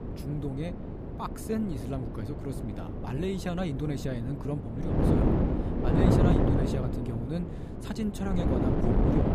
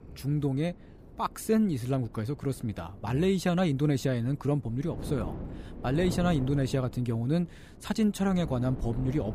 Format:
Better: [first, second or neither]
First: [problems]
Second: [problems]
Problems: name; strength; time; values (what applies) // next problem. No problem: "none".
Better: second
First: wind noise on the microphone; heavy; 3 dB above the speech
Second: wind noise on the microphone; occasional gusts; 15 dB below the speech